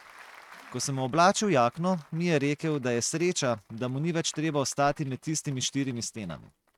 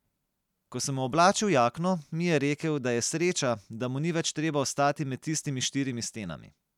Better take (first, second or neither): second